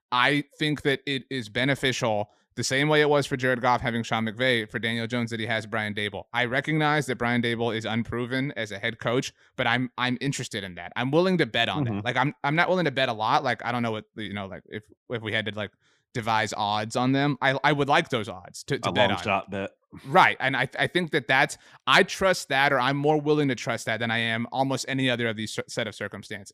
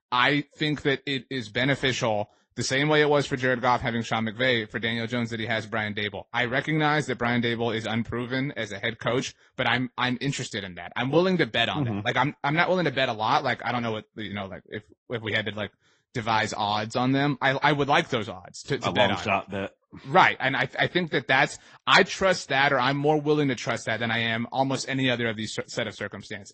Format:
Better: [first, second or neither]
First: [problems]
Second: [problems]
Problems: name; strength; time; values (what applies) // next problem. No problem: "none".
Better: first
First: none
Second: garbled, watery; slightly; nothing above 8 kHz